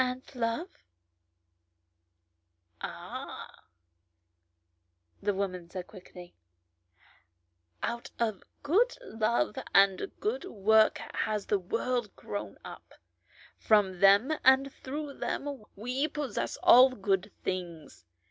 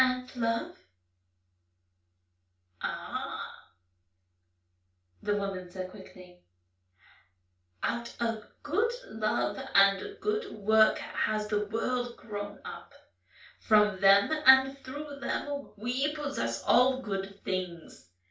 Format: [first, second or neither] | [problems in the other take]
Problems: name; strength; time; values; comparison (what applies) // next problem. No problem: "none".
first | room echo; dies away in 0.3 s